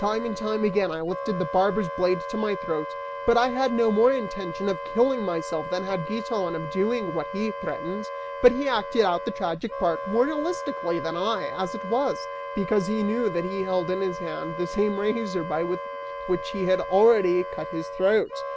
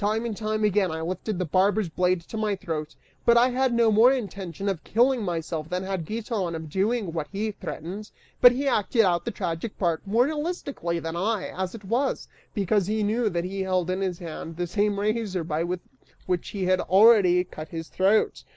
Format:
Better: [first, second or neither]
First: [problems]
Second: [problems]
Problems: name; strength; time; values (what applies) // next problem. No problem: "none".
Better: second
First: background sound (Wind instrument, woodwind instrument); 8 dB below the speech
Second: none